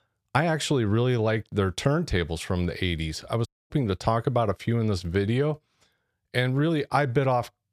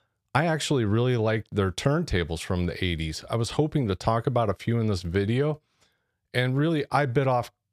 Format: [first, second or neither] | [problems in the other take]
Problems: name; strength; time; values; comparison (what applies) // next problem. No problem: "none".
second | audio cutting out; at 3.5 s